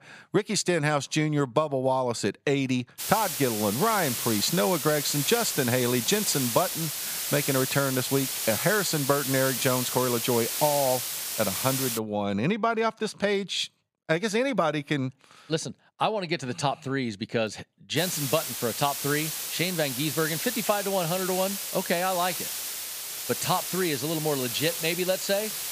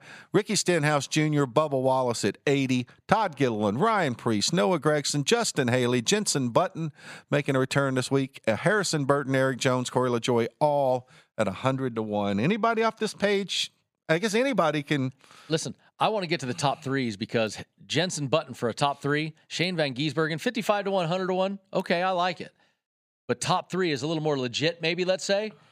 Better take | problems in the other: second | hiss; loud; from 3 to 12 s and from 18 s on; 2 dB below the speech

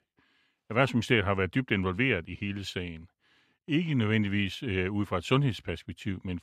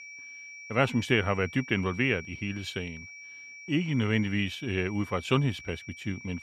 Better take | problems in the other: first | high-pitched whine; noticeable; throughout; 2.5 kHz, 15 dB below the speech

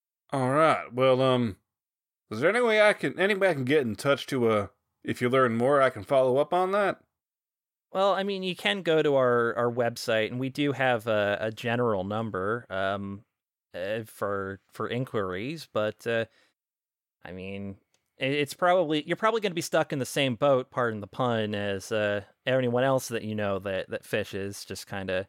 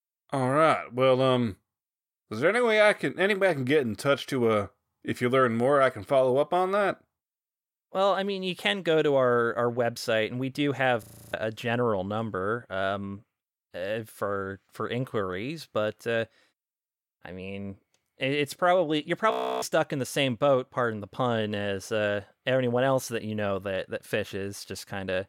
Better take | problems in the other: first | audio freezing; at 11 s and at 19 s

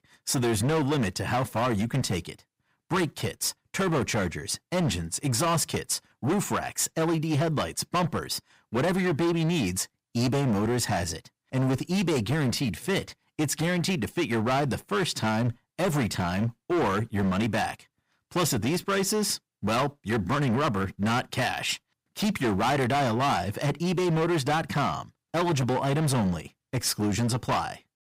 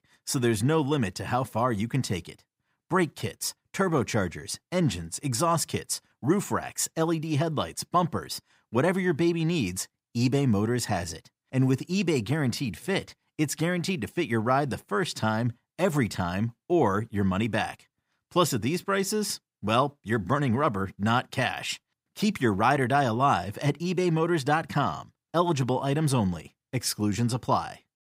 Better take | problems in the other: second | distortion; heavy; 18% of the sound clipped

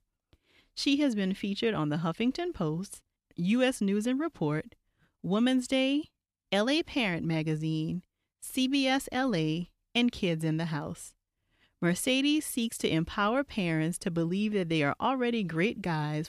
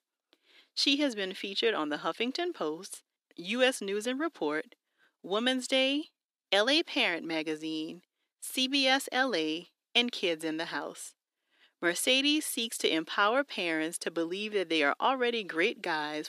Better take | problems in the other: first | thin; somewhat; fading below 300 Hz

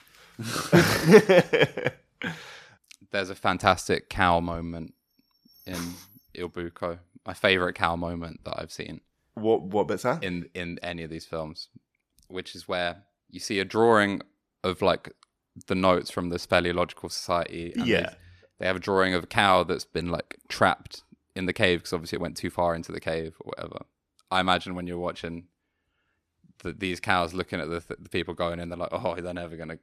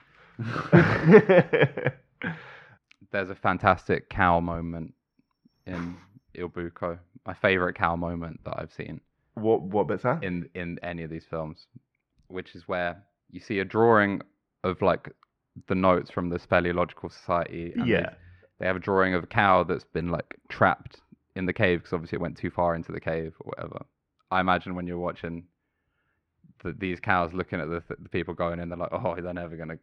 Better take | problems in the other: first | muffled; very; fading above 2 kHz

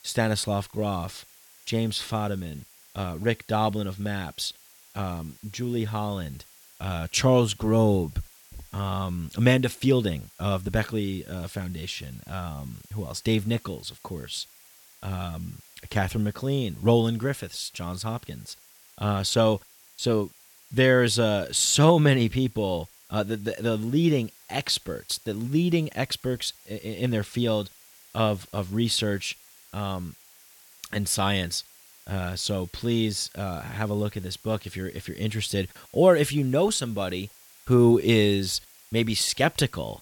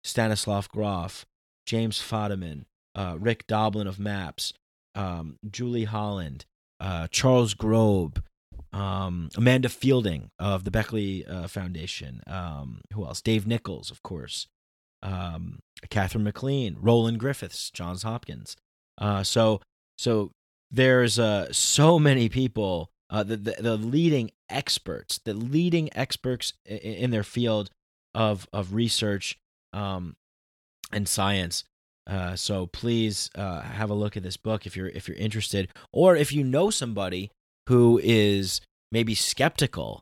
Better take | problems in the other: second | hiss; faint; throughout; 25 dB below the speech

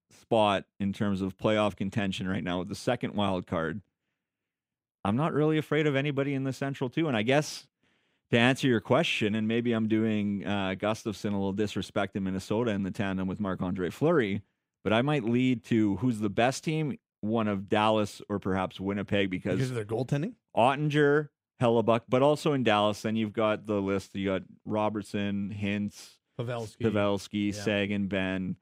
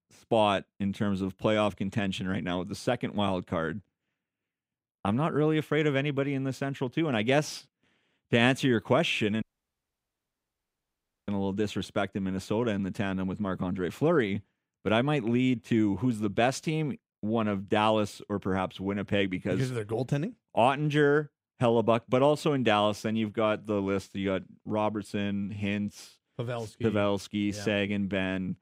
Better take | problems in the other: first | audio cutting out; at 9.5 s for 2 s

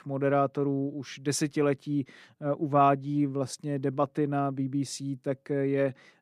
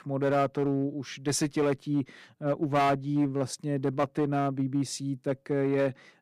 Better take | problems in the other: first | distortion; slight; 5% of the sound clipped

